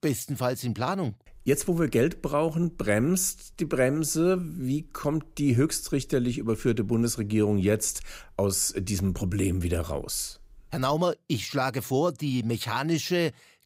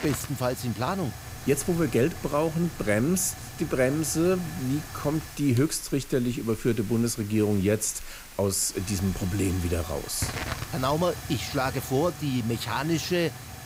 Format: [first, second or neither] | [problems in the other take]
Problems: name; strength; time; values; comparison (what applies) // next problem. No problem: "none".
first | hiss; noticeable; throughout; 10 dB below the speech